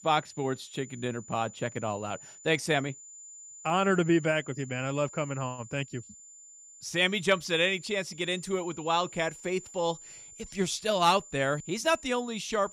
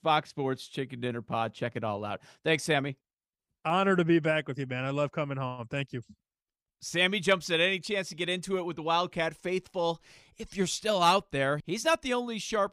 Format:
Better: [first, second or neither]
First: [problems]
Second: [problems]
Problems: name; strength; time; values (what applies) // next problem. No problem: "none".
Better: second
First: high-pitched whine; noticeable; throughout; 7 kHz, 15 dB below the speech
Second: none